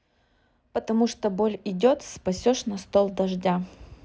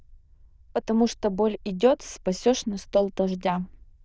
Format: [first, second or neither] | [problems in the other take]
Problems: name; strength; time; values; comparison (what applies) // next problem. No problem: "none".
first | noise reduction (neural diffusion model UNIVERSE++)